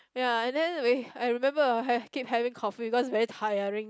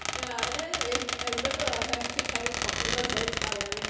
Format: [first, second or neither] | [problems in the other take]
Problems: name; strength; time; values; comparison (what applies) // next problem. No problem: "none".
first | background sound (Squeak); 5 dB above the speech // room echo; dies away in 1.1 s